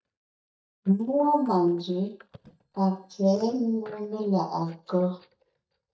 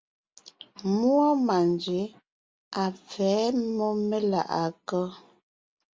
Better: second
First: noise reduction (neural mask model DeepFilterNet 3)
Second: none

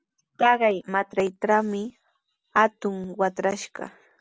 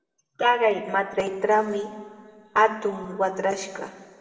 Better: first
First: none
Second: room echo; dies away in 1.7 s

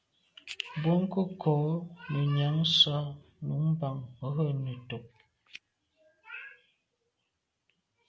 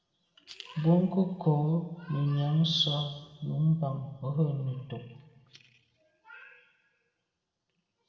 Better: first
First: none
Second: room echo; dies away in 1.4 s

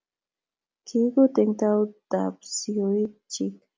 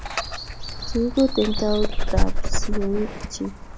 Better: first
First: none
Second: background sound (Dog); 3 dB above the speech

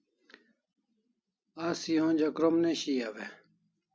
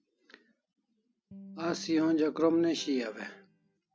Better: first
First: none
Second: background sound (Electric guitar); 19 dB below the speech

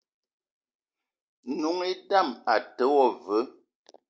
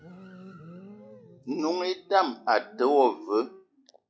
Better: first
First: none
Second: noise reduction (classical method log-MMSE)

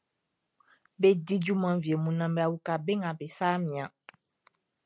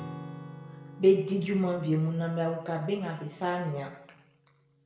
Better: first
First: none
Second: background sound (Acoustic guitar / Strum); 17 dB below the speech // room echo; dies away in 0.8 s

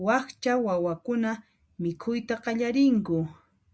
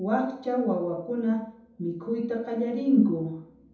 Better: first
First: none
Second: room echo; dies away in 2.7 s

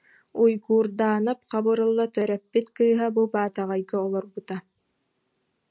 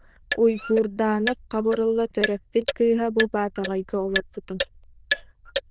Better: first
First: none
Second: noise reduction (neural diffusion model UNIVERSE++)

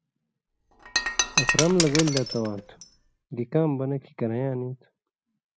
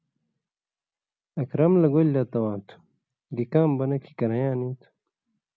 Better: second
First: background sound (Shatter); 1 dB below the speech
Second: none

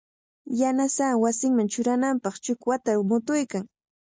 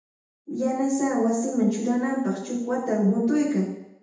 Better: first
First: none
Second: room echo; dies away in 0.8 s

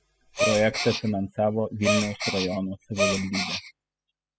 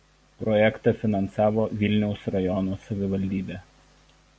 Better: second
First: noise reduction (classical method spectral subtraction)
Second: none

